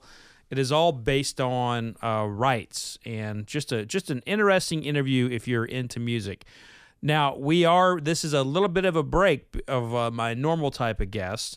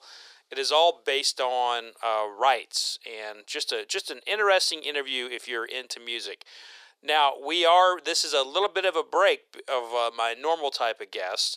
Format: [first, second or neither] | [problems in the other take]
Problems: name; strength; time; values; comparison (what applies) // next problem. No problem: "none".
first | thin; very; fading below 400 Hz